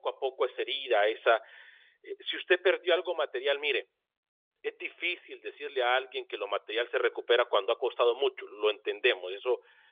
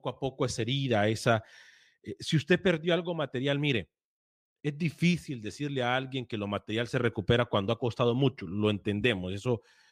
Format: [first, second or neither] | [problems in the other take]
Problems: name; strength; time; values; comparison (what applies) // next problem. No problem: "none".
second | phone-call audio; nothing above 3.5 kHz